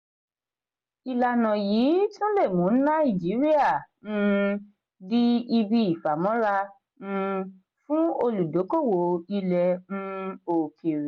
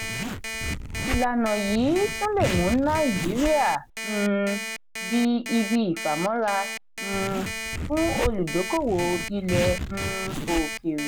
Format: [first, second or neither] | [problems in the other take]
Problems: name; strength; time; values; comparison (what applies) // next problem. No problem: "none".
first | background sound (Zipper (clothing) + Alarm); 5 dB below the speech